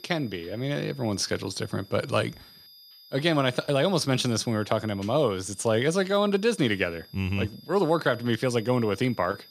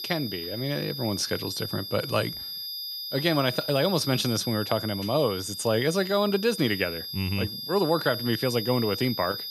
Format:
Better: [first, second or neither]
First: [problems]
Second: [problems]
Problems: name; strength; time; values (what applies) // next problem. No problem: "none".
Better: first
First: high-pitched whine; faint; throughout; 5 kHz, 25 dB below the speech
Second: high-pitched whine; loud; throughout; 5 kHz, 6 dB below the speech